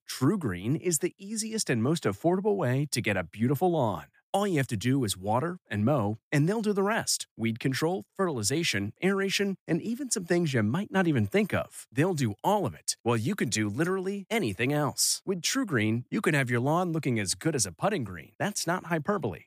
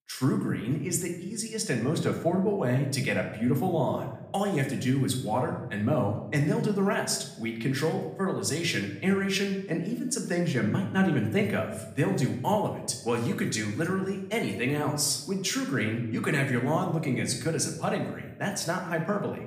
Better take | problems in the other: first | room echo; slight; dies away in 0.7 s // off-mic speech; somewhat distant

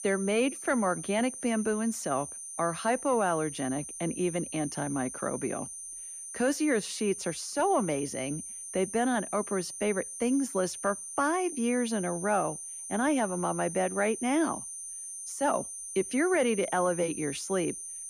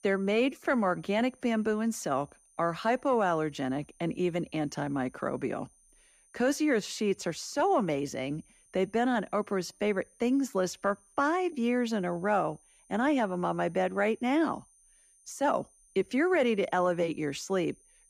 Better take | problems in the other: second | high-pitched whine; loud; throughout; 9 kHz, 8 dB below the speech; faint in the second

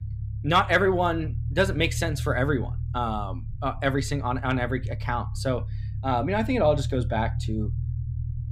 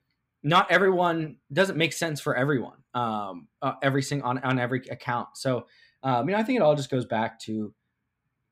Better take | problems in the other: second | low rumble; faint; throughout; 20 dB below the speech

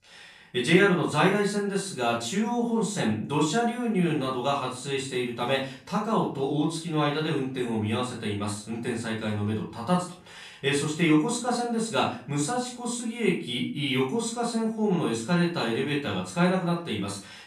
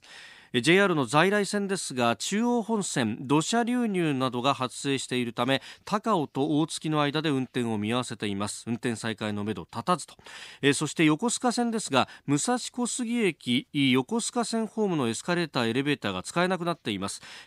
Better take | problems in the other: second | room echo; slight; dies away in 0.4 s // off-mic speech; far

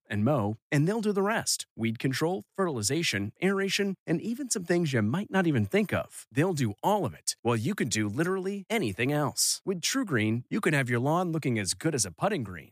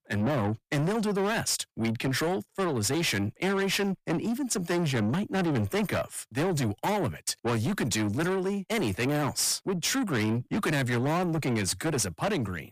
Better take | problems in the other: first | distortion; heavy; 8 dB below the speech

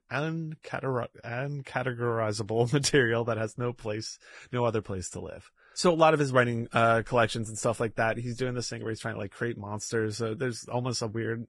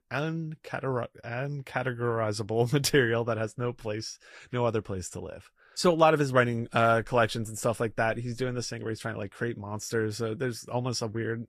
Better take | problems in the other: second | garbled, watery; badly; nothing above 10.5 kHz; slightly in the second

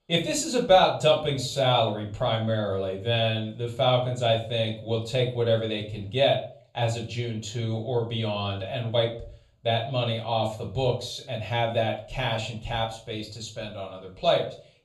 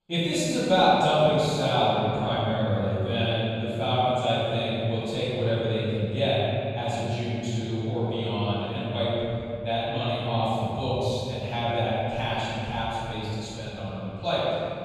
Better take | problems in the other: first | room echo; strong; dies away in 3 s; slight in the first // off-mic speech; far; far in the first

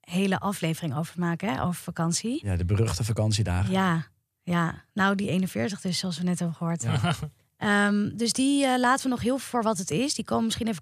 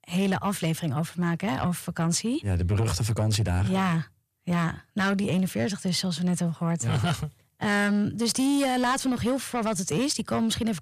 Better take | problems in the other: first | distortion; slight; 10 dB below the speech

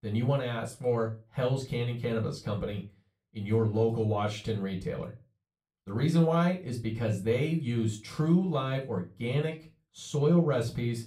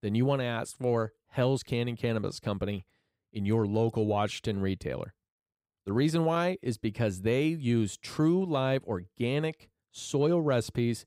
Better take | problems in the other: second | off-mic speech; far // room echo; very slight; dies away in 0.2 s

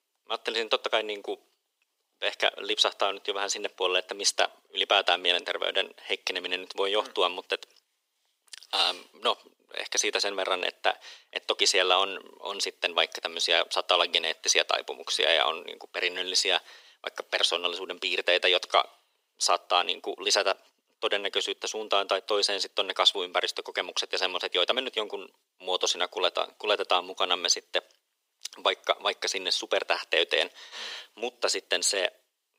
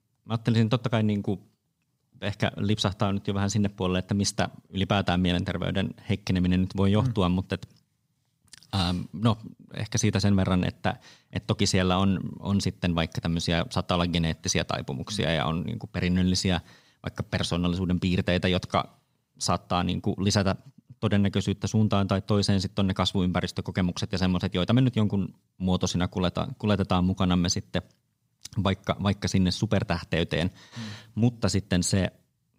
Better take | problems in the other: second | thin; very; fading below 400 Hz

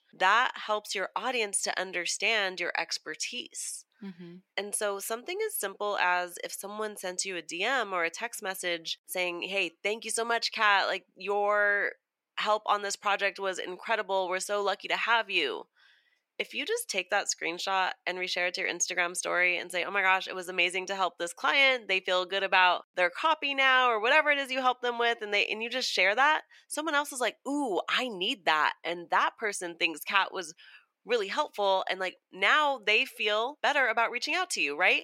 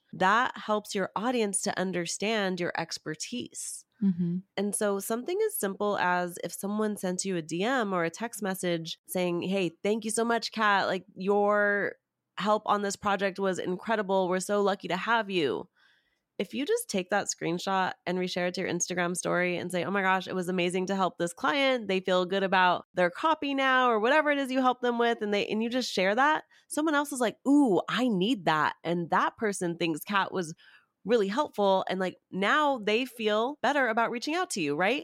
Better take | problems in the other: second | thin; somewhat; fading below 500 Hz

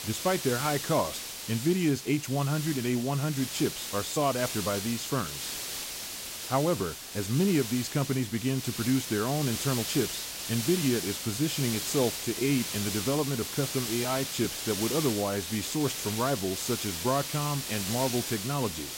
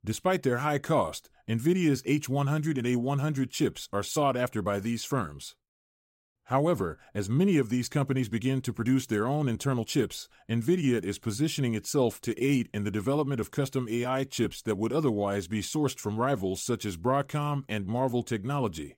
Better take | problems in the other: second | hiss; loud; throughout; 4 dB below the speech

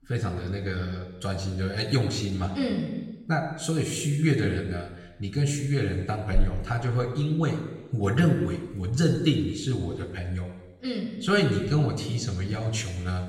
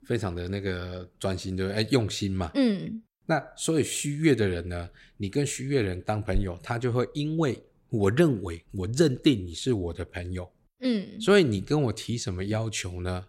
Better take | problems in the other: second | room echo; noticeable; dies away in 1 s // off-mic speech; somewhat distant

